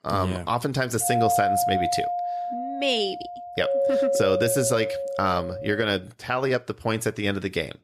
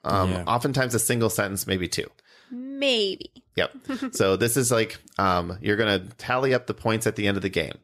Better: second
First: doorbell; loud; from 1 to 6 s; peak 4 dB above the speech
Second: none

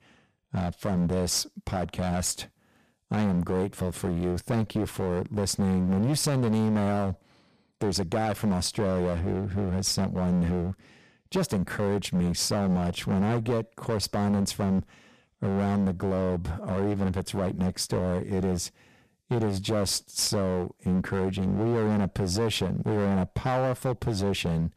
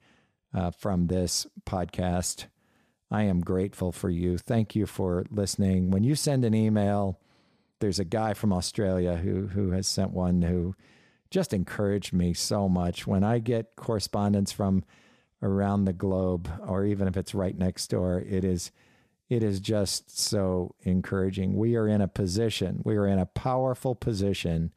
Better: second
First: distortion; heavy; 13% of the sound clipped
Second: none

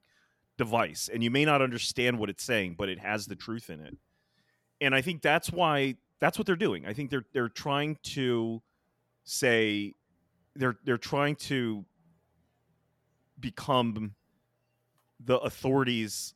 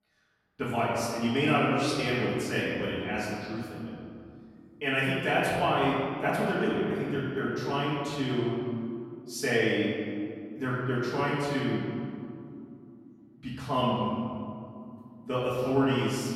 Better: first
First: none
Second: room echo; strong; dies away in 2.4 s // off-mic speech; far

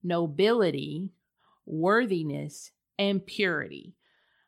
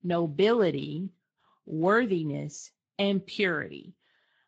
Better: first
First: none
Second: garbled, watery; slightly

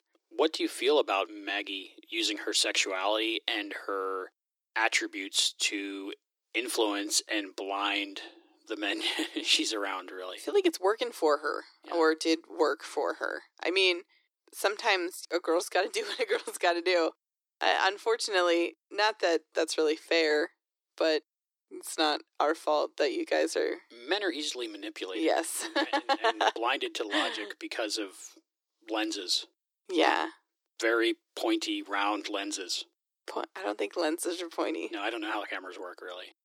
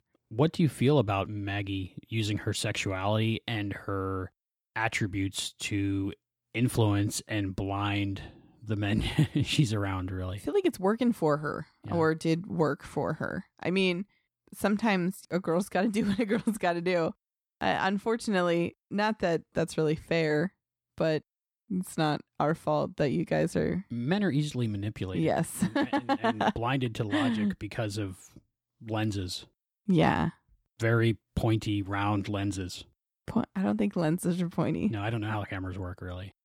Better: second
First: thin; very; fading below 300 Hz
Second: none

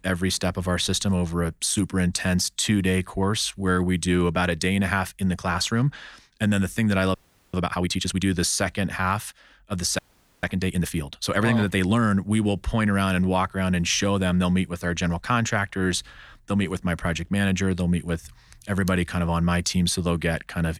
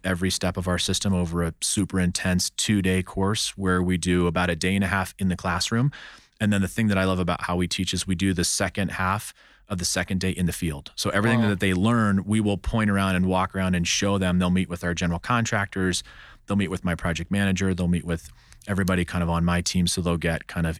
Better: second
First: audio freezing; at 7 s and at 10 s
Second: none

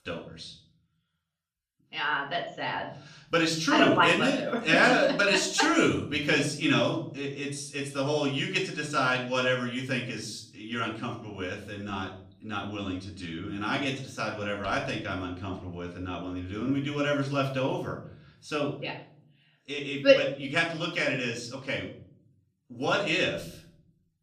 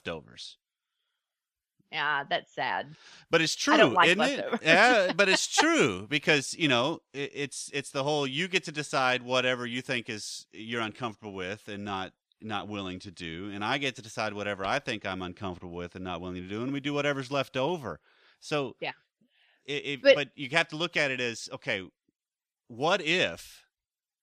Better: second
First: room echo; slight; dies away in 0.6 s // off-mic speech; far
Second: none

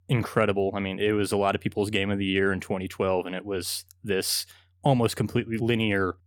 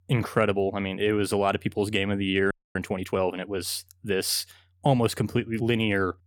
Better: first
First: none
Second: audio freezing; at 2.5 s

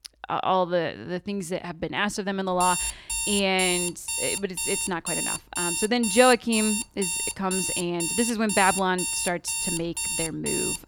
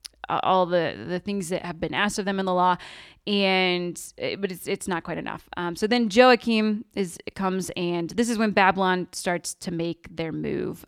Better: second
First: alarm; loud; from 2.5 s on; peak level with the speech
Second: none

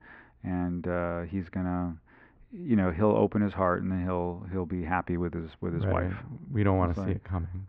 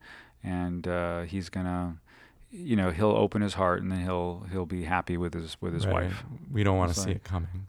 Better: second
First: muffled; very; fading above 2 kHz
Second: none

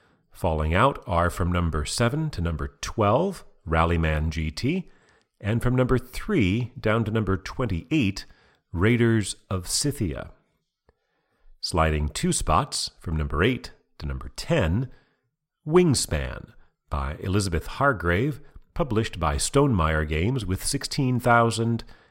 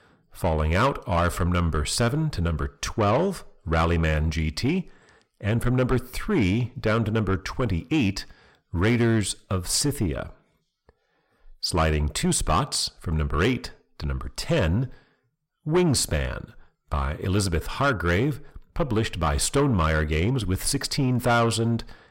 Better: first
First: none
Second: distortion; slight; 10 dB below the speech

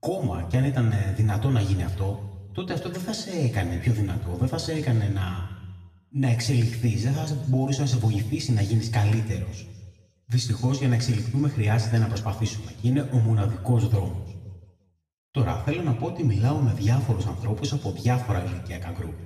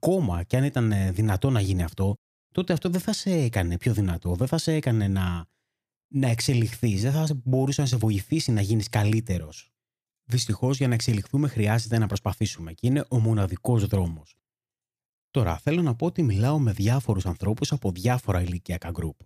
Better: second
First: room echo; noticeable; dies away in 1.2 s // off-mic speech; far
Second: none

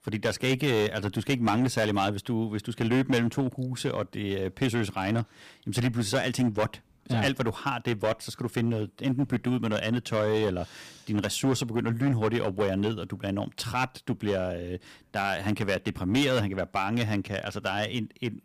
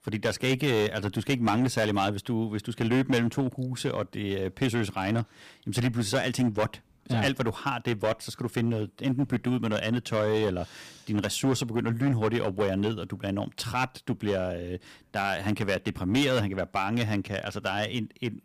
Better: neither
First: distortion; slight; 6% of the sound clipped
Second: distortion; slight; 6% of the sound clipped

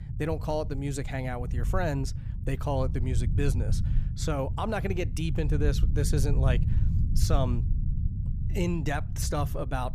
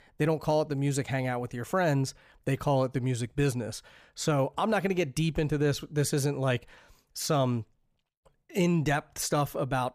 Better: second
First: low rumble; noticeable; throughout; 10 dB below the speech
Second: none

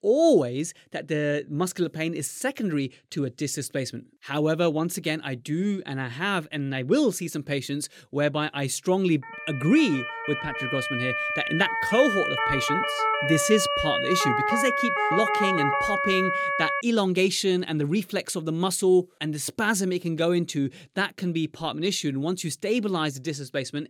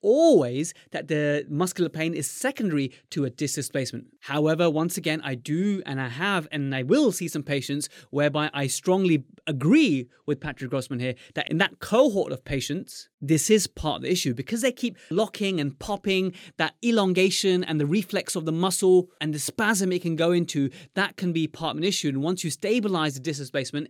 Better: second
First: siren; loud; from 9 to 17 s; peak 3 dB above the speech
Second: none

